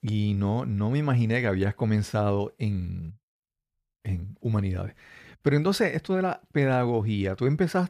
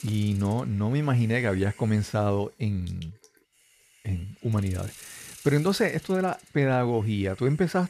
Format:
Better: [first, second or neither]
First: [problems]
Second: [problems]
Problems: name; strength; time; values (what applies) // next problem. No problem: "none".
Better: first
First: none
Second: hiss; faint; throughout; 20 dB below the speech